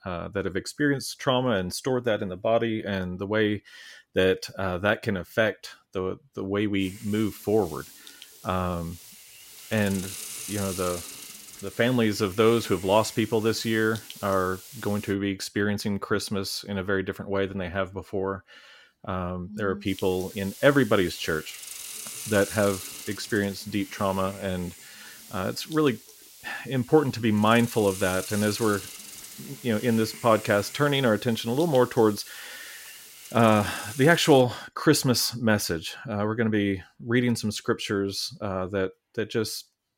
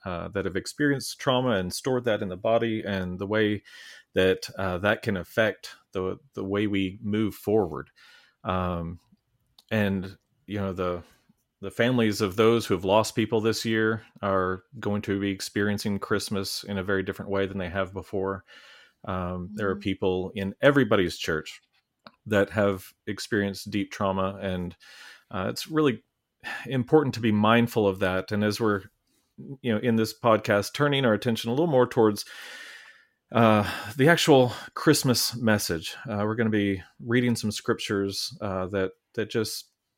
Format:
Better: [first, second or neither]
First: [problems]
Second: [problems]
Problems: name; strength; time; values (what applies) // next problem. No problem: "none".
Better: second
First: hiss; noticeable; from 7 to 15 s and from 20 to 34 s; 15 dB below the speech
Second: none